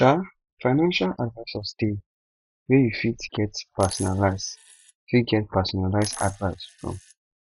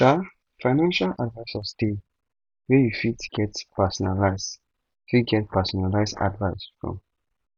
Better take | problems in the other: second | noise reduction (classical method Wiener filter)

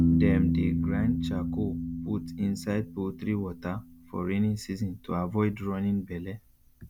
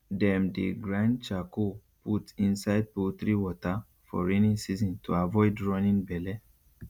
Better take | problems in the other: second | background sound (Piano); as loud as the speech

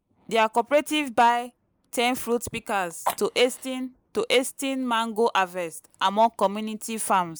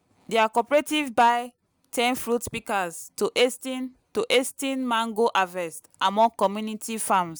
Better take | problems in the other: second | noise reduction (neural mask model Resemble Enhance denoiser)

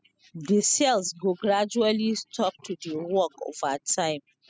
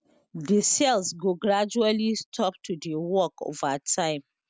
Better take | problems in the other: second | noise reduction (classical method spectral subtraction)

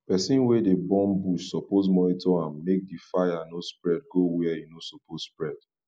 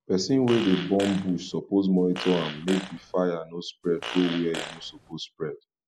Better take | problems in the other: first | background sound (Fart); 12 dB below the speech

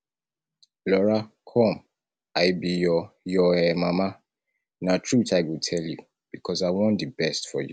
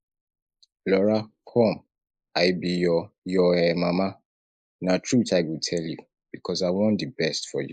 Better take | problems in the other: first | noise reduction (neural mask model Resemble Enhance denoiser)

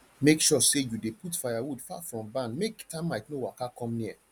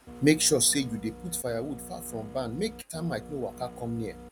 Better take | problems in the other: first | background sound (Printer); 15 dB below the speech

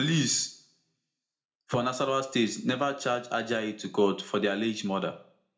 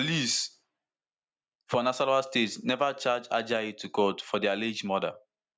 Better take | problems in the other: second | room echo; dies away in 0.3 s

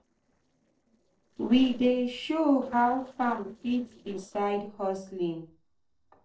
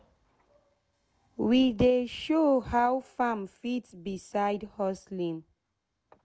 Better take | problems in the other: second | noise reduction (neural separator model SepFormer DNS4)

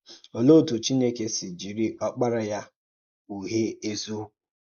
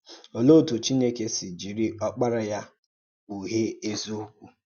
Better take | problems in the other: second | noise reduction (neural mask model Resemble Enhance denoiser)

